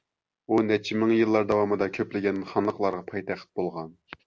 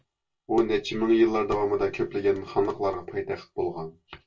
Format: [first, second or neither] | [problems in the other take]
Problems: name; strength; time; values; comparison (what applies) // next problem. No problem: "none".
first | room echo; dies away in 0.1 s